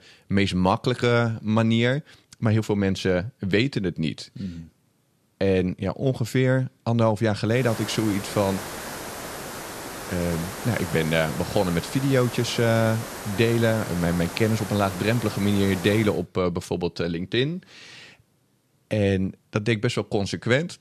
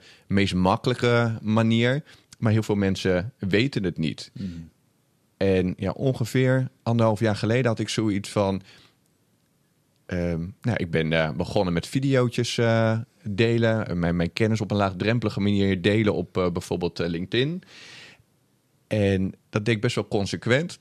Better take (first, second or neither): second